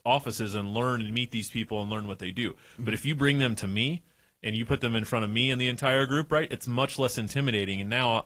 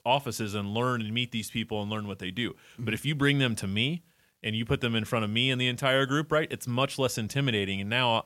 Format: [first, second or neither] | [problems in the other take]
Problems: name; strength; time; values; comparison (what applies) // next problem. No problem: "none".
second | garbled, watery; slightly; nothing above 16.5 kHz